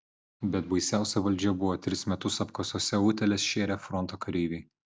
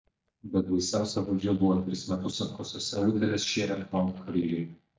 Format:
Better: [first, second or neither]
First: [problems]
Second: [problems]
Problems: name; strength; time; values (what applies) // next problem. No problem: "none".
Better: first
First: none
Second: noise reduction (neural mask model DeepFilterNet 3)